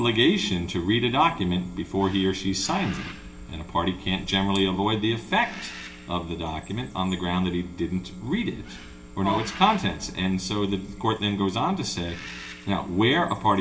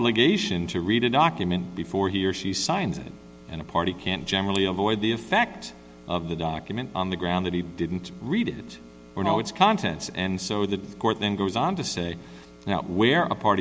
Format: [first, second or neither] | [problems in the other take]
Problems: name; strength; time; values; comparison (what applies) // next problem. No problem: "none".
second | background sound (Bird); 19 dB below the speech // room echo; dies away in 0.3 s